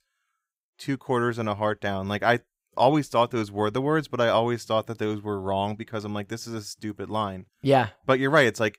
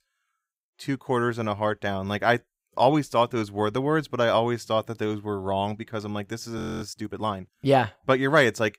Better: first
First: none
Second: audio freezing; at 6.5 s

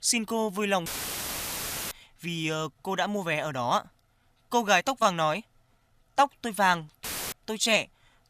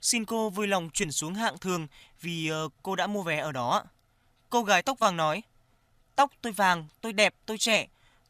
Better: second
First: audio cutting out; filled with static; at 1 s for 1 s and at 7 s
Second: none

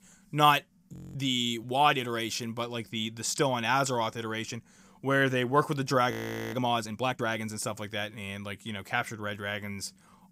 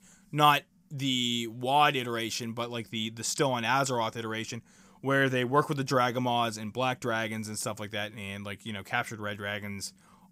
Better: second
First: audio freezing; at 1 s and at 6 s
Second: none

